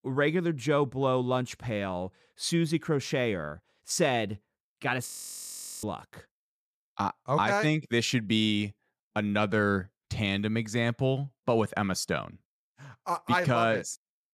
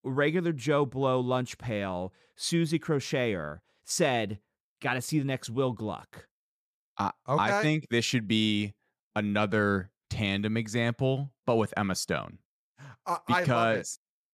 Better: second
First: audio freezing; at 5 s for 1 s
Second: none

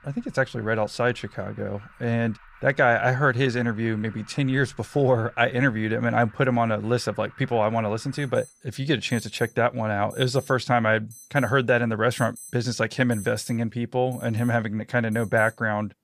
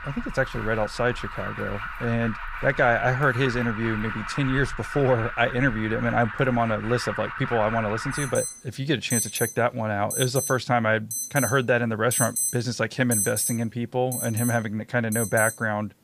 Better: first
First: alarms or sirens; faint; throughout; 25 dB below the speech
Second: alarms or sirens; loud; throughout; 5 dB below the speech

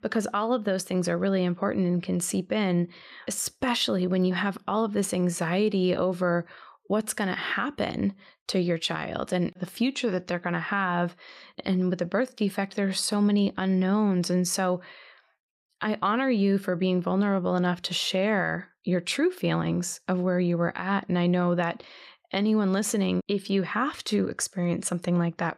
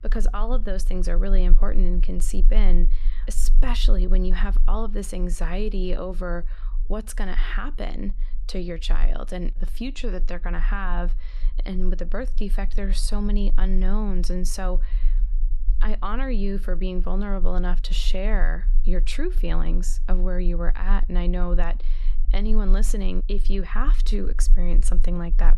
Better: first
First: none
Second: low rumble; faint; throughout; 20 dB below the speech

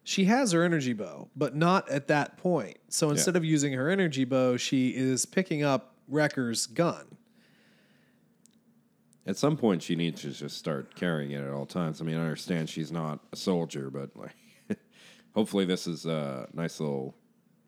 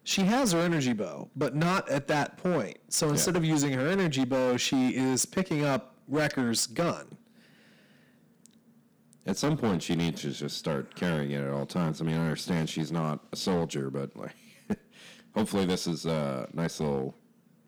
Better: first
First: none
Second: distortion; heavy; 10% of the sound clipped

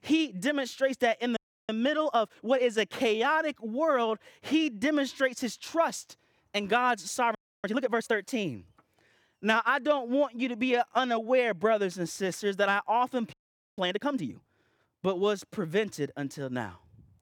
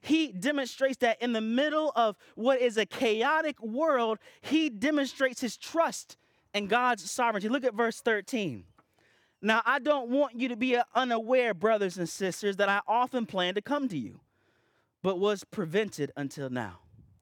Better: second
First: audio freezing; at 1.5 s, at 7.5 s and at 13 s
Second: none

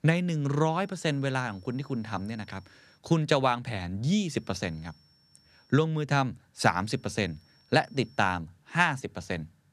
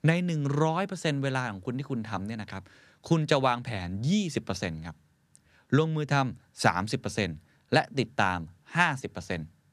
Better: second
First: high-pitched whine; faint; from 0.5 to 3 s, from 4 to 6 s and from 7 to 8.5 s; 5.5 kHz, 35 dB below the speech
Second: none

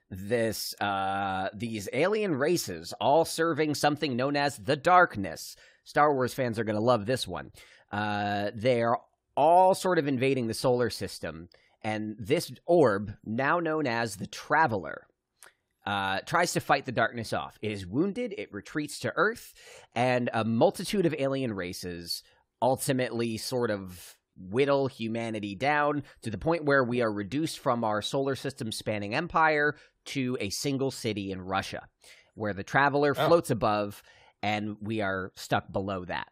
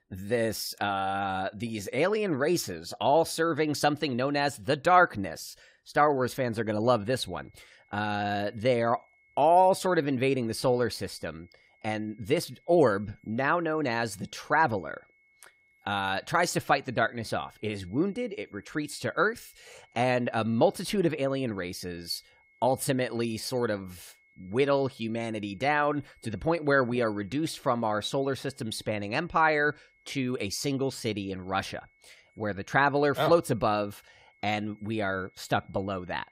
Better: first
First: none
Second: high-pitched whine; faint; from 7 s on; 2 kHz, 35 dB below the speech

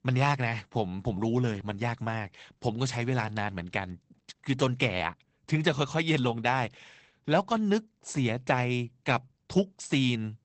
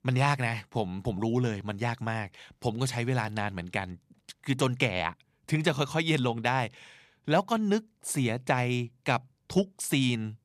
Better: second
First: garbled, watery; badly; nothing above 8 kHz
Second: none

